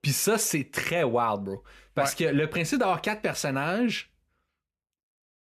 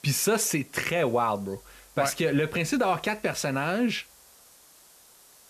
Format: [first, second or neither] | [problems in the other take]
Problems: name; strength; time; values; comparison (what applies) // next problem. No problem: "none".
first | hiss; faint; throughout; 25 dB below the speech